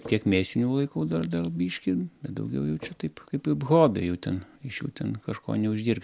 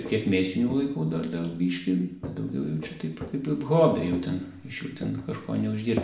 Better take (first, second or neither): first